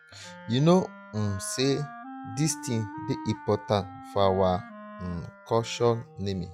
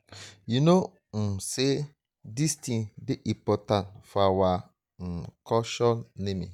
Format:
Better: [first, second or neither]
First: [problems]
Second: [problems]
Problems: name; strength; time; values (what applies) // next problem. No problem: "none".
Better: second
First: noise reduction (classical method log-MMSE)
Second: none